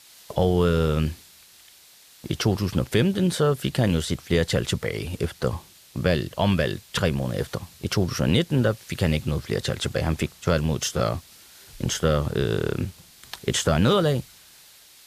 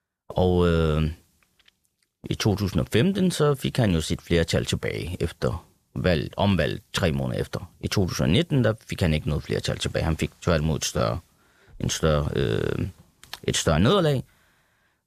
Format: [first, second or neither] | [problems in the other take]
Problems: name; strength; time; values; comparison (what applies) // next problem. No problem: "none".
second | hiss; faint; throughout; 25 dB below the speech